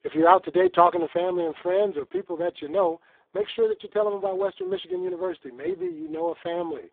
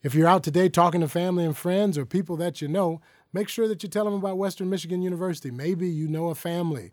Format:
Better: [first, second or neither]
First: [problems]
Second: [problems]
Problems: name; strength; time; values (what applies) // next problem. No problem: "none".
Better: second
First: phone-call audio; poor line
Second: none